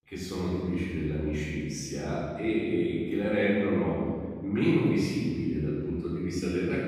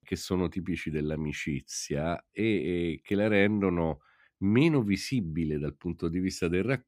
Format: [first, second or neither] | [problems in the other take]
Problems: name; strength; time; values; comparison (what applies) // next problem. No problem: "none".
second | off-mic speech; far // room echo; strong; dies away in 1.6 s